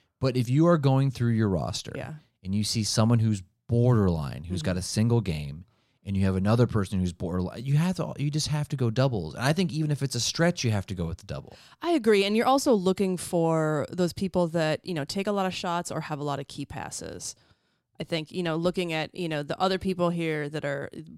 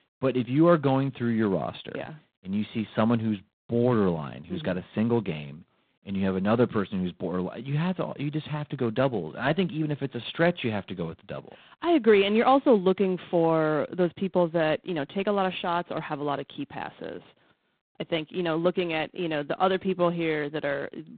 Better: first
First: none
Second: phone-call audio; poor line; nothing above 4 kHz

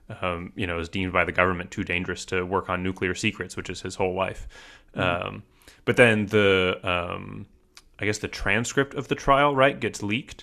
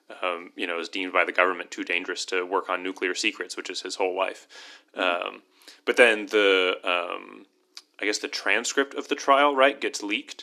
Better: first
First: none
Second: thin; somewhat; fading below 300 Hz

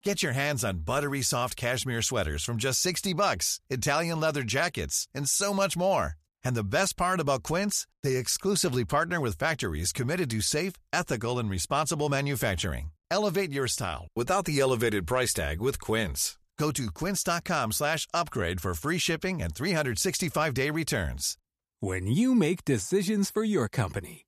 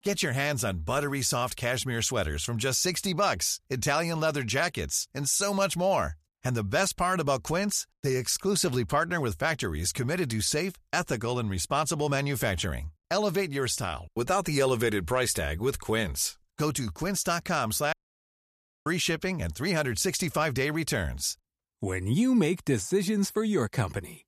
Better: first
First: none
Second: audio cutting out; at 18 s for 1 s

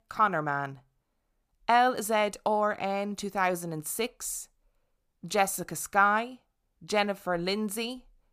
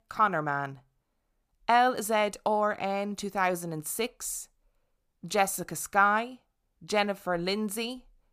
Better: neither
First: none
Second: none

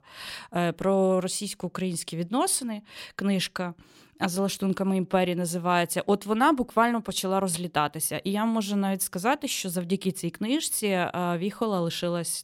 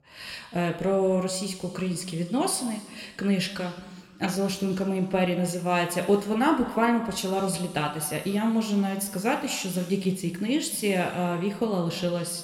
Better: first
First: none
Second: room echo; slight; dies away in 1.7 s

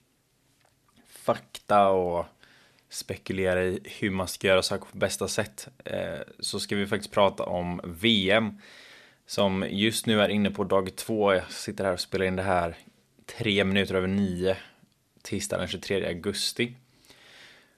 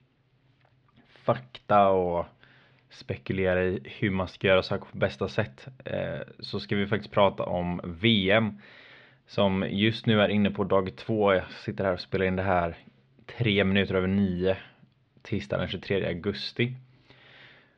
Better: first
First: none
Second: muffled; slightly; fading above 3.5 kHz

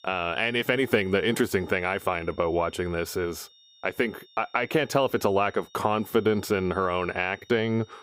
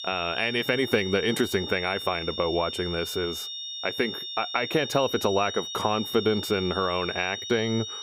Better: first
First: high-pitched whine; faint; throughout; 3.5 kHz, 30 dB below the speech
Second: high-pitched whine; loud; throughout; 3.5 kHz, 6 dB below the speech

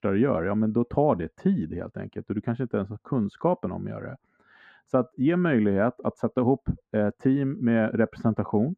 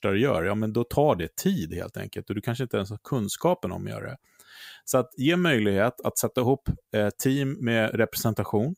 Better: second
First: muffled; very; fading above 1.5 kHz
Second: none

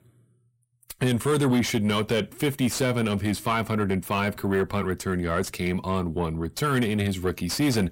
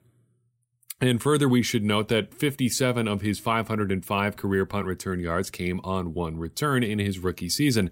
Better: second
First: distortion; slight; 10 dB below the speech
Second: none

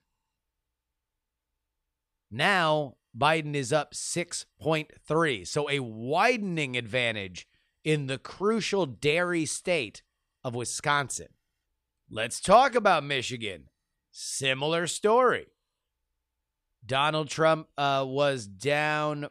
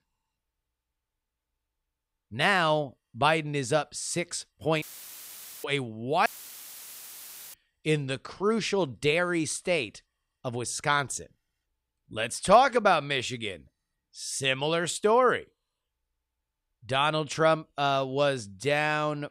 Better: first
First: none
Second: audio cutting out; filled with static; at 5 s for 1 s and at 6.5 s for 1.5 s

